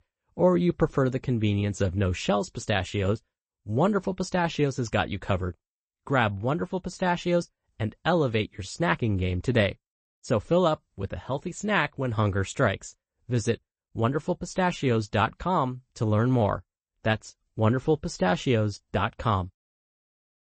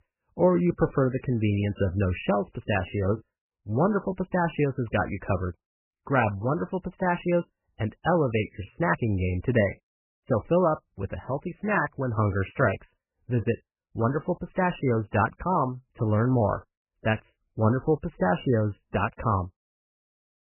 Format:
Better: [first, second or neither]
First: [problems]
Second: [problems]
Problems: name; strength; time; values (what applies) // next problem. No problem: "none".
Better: first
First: garbled, watery; slightly; nothing above 8 kHz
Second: garbled, watery; badly; nothing above 3 kHz